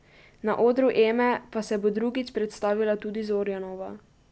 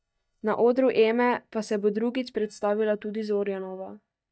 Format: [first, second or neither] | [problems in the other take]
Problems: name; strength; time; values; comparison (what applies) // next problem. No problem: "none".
first | noise reduction (neural mask model DeepFilterNet 3)